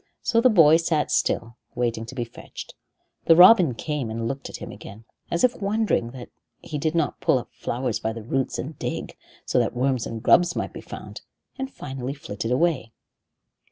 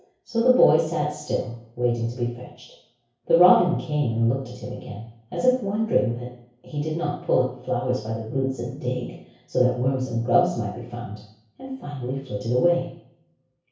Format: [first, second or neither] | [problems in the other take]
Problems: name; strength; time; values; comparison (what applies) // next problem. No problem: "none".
first | room echo; dies away in 0.6 s